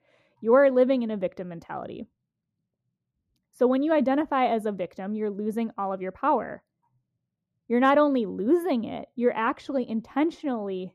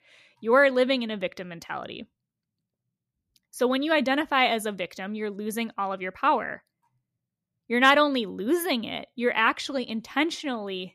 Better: second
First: muffled; slightly; fading above 1.5 kHz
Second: none

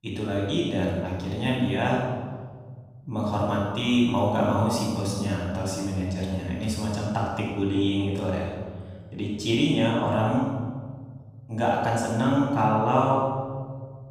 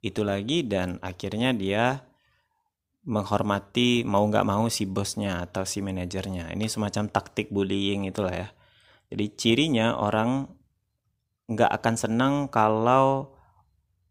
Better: second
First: off-mic speech; far // room echo; strong; dies away in 2 s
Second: none

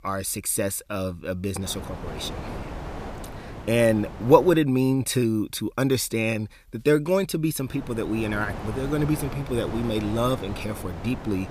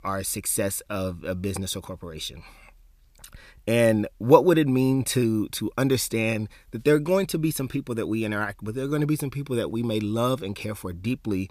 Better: second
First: wind noise on the microphone; occasional gusts; from 1.5 to 4.5 s and from 7.5 s on; 10 dB below the speech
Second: none

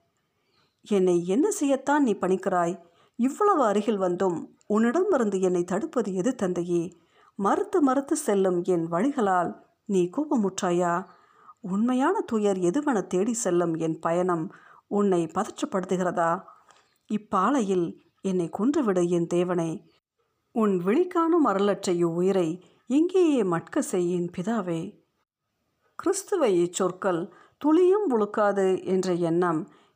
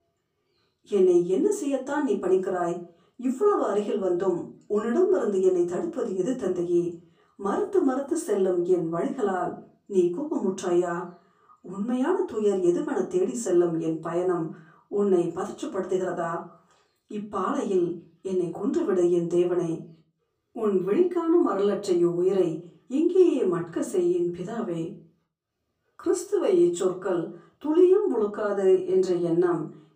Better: first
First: none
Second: off-mic speech; far // room echo; very slight; dies away in 0.3 s

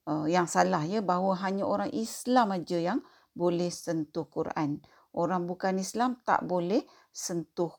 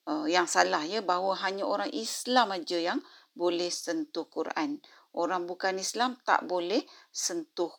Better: first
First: none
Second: thin; very slightly; fading below 300 Hz

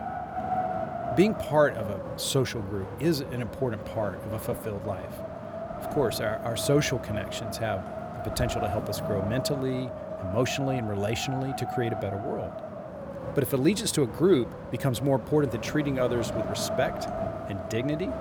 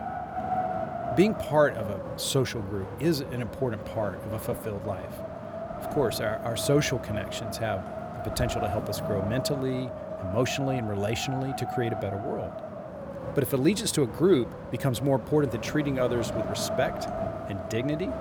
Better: neither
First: wind noise on the microphone; heavy; 4 dB below the speech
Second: wind noise on the microphone; heavy; 4 dB below the speech

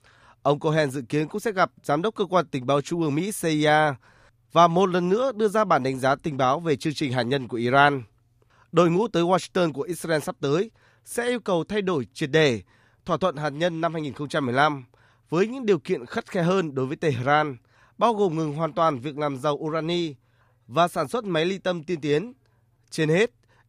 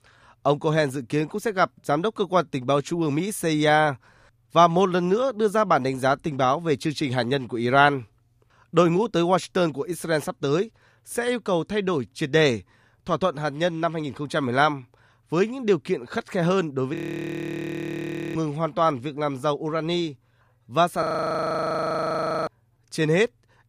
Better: first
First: none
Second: audio freezing; at 17 s for 1.5 s and at 21 s for 1.5 s

